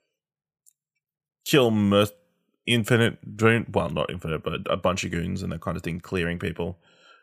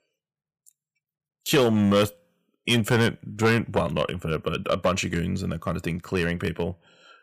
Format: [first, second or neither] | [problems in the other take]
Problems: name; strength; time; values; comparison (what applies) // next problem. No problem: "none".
first | distortion; slight; 3% of the sound clipped